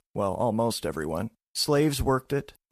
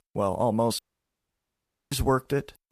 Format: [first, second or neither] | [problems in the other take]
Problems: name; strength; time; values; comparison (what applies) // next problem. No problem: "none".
first | audio cutting out; at 1 s for 1 s